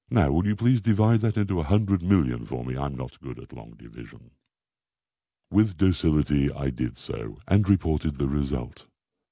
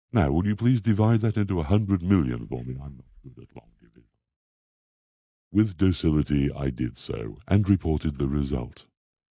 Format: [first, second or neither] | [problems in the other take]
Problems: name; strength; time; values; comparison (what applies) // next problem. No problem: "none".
first | noise reduction (neural mask model DeepFilterNet 3)